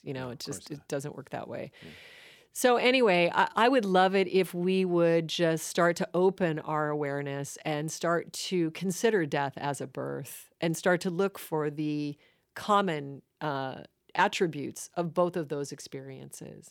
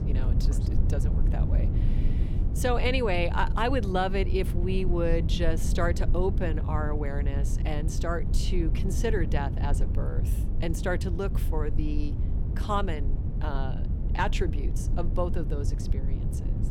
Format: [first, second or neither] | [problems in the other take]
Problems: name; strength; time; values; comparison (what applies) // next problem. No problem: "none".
first | low rumble; noticeable; throughout; 10 dB below the speech